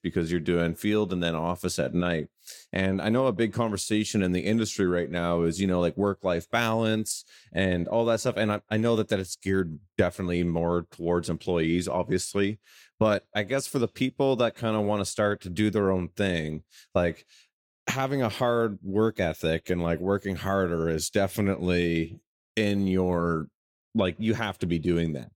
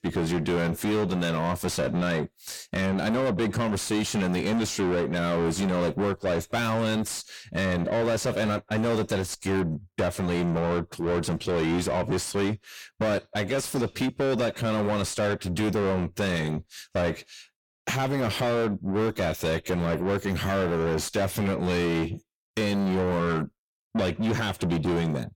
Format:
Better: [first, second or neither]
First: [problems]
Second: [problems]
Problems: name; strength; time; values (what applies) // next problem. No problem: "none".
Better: first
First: none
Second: distortion; heavy; 6 dB below the speech